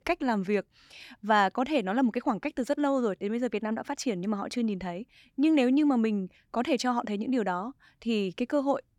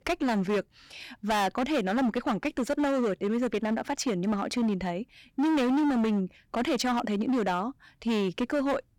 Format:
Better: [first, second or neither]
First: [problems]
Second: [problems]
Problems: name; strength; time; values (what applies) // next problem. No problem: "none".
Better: first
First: none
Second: distortion; heavy; 19% of the sound clipped